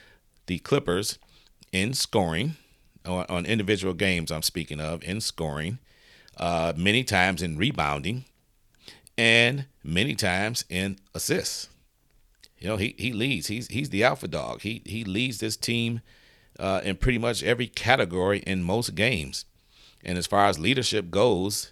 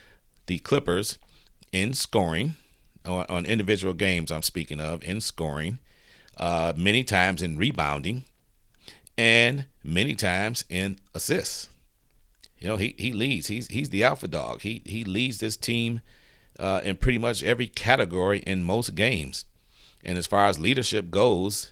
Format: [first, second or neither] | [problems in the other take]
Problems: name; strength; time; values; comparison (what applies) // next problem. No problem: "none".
first | garbled, watery; slightly; nothing above 15.5 kHz